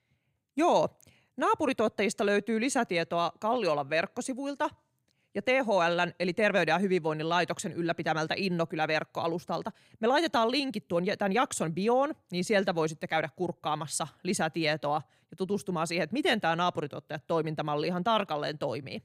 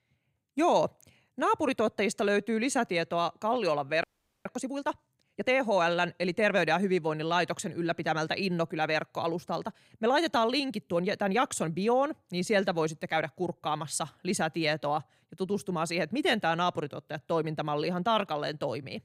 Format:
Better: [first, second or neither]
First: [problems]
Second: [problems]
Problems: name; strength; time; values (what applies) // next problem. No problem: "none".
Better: first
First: none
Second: audio freezing; at 4 s